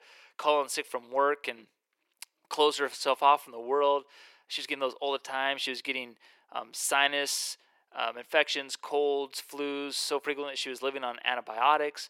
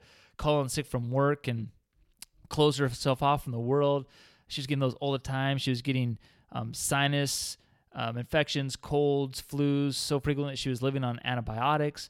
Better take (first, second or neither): second